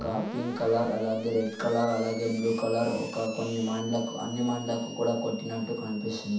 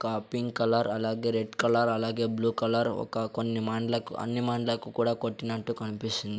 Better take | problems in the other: second | background sound (Screech); 15 dB below the speech // room echo; dies away in 0.7 s

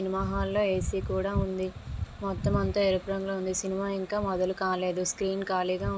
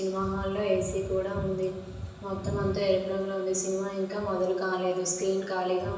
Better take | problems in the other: first | room echo; dies away in 1 s

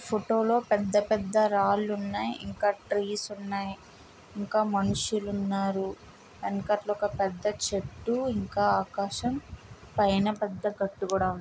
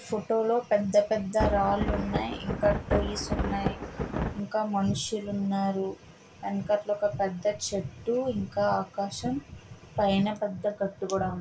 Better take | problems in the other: first | background sound (Thunder); 2 dB below the speech // room echo; dies away in 0.2 s

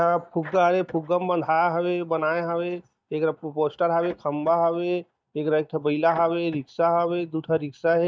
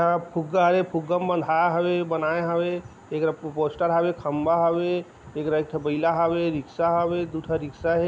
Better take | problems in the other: second | noise reduction (neural mask model DeepFilterNet 3)

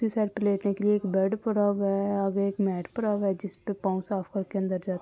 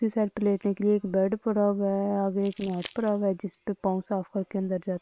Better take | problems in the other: first | noise reduction (neural separator model SepFormer WHAM!)

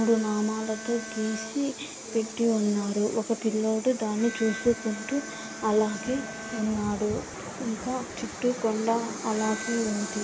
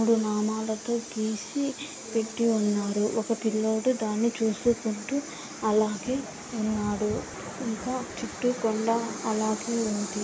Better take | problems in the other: second | background sound (Bowed string instrument); 16 dB below the speech

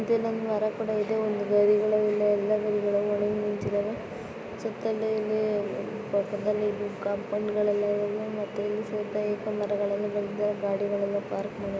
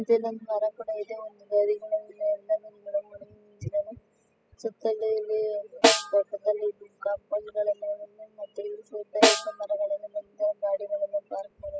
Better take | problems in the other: first | noise reduction (classical method spectral subtraction)

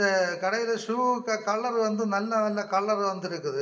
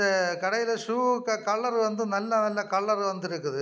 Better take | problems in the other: second | room echo; dies away in 1.7 s

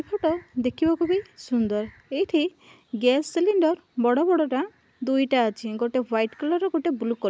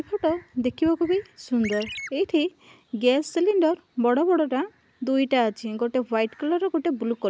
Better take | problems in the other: first | background sound (Chirp, tweet); 10 dB below the speech

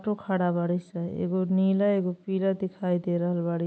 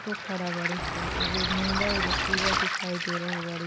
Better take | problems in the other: first | background sound (Waves, surf + Chirp, tweet); 4 dB above the speech

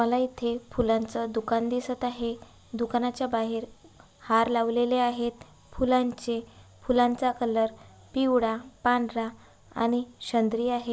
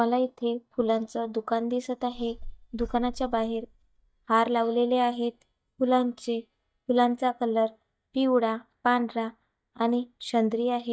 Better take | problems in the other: first | noise reduction (neural mask model DeepFilterNet 3)

